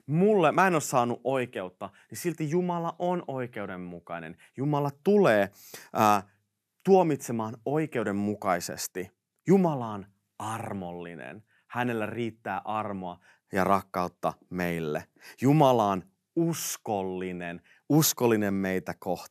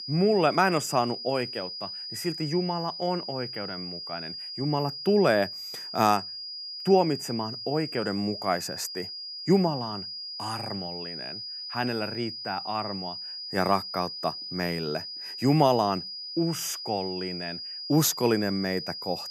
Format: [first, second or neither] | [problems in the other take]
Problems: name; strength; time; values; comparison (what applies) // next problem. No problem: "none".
first | high-pitched whine; loud; throughout; 5 kHz, 7 dB below the speech